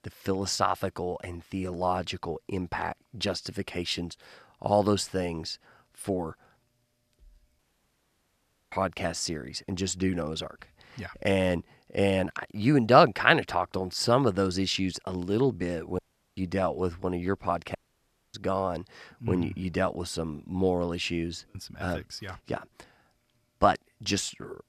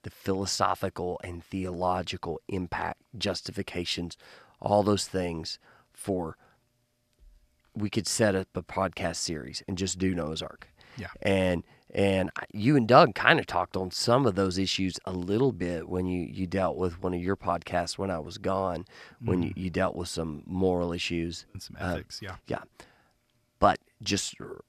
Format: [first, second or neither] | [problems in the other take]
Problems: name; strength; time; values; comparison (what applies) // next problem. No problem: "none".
second | audio cutting out; at 7.5 s for 1 s, at 16 s and at 18 s for 0.5 s